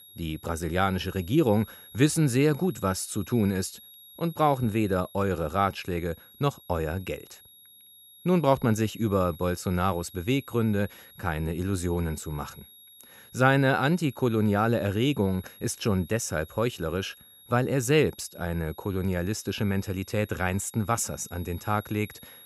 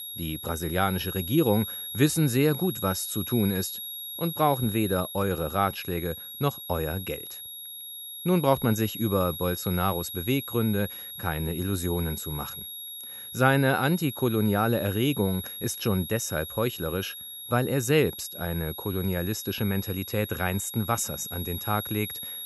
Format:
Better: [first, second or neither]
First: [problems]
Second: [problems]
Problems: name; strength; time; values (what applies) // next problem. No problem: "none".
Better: first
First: high-pitched whine; faint; throughout; 11.5 kHz, 20 dB below the speech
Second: high-pitched whine; loud; throughout; 11.5 kHz, 8 dB below the speech